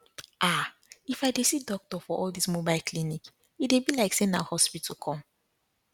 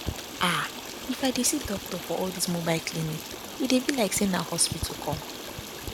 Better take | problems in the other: first | background sound (Stream); 8 dB below the speech

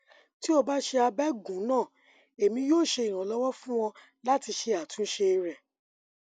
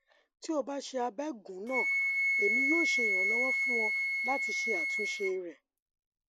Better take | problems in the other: first | background sound (Wind instrument, woodwind instrument); 5 dB above the speech

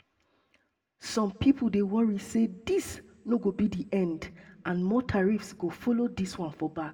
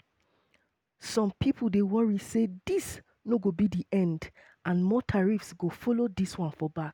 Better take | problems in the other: second | room echo; dies away in 0.3 s

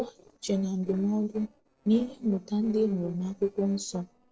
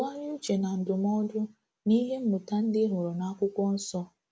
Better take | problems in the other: second | noise reduction (neural separator model SepFormer DNS4)

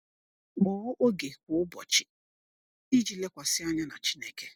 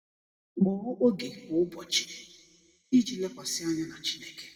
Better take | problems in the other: first | room echo; dies away in 1.3 s

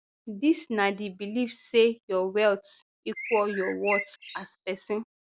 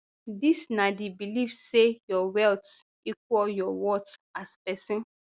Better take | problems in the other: second | noise reduction (neural mask model Resemble Enhance denoiser)

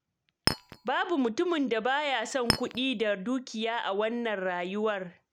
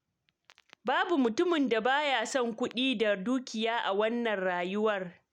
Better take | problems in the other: second | background sound (Chink, clink); 2 dB below the speech

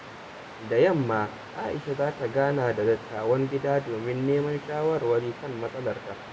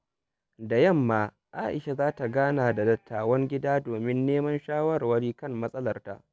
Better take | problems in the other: second | background sound (Waves, surf); 15 dB below the speech // room echo; dies away in 0.9 s

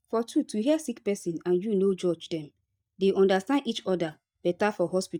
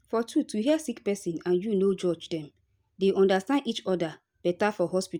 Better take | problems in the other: second | noise reduction (neural mask model DeepFilterNet 3)

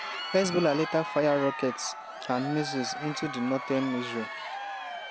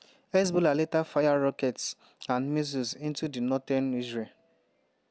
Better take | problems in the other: second | background sound (Crowd); 8 dB below the speech

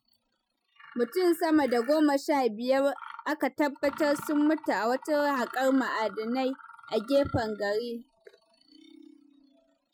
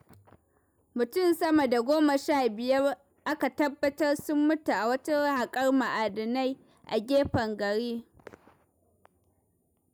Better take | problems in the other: second | noise reduction (classical method Wiener filter)

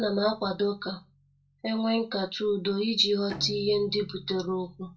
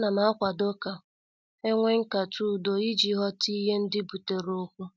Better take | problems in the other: second | background sound (Bowed string instrument); 19 dB below the speech // room echo; dies away in 0.2 s

